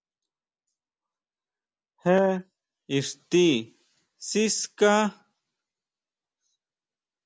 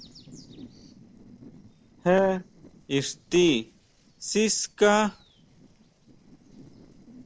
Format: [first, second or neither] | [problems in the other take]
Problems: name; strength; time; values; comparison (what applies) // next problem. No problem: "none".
first | noise reduction (neural separator model SepFormer DNS4)